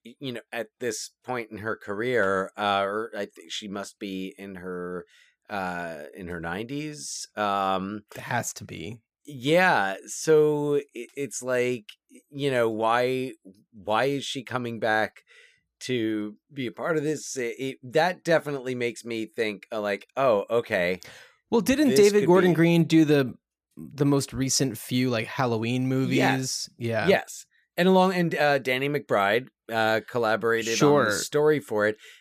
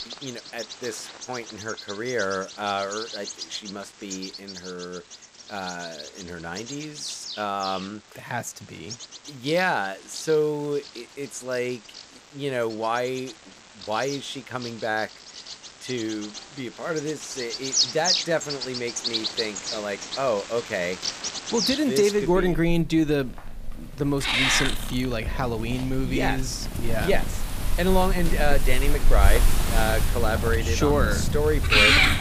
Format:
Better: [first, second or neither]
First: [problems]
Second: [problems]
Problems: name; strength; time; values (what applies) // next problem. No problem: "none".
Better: first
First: none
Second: animal sounds; very loud; throughout; as loud as the speech